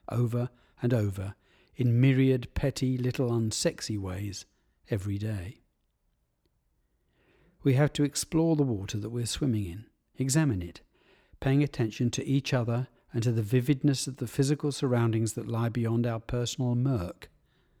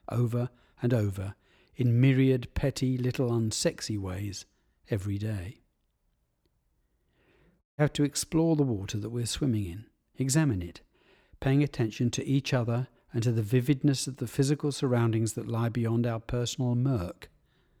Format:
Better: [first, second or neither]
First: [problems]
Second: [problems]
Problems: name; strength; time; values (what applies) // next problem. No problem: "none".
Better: first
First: none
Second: audio cutting out; at 7.5 s